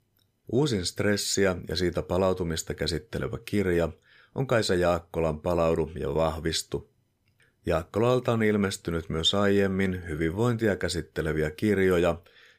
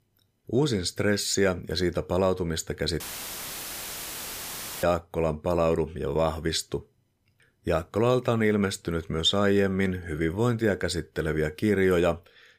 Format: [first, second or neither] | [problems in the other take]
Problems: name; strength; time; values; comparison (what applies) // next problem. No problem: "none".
first | audio cutting out; filled with static; at 3 s for 2 s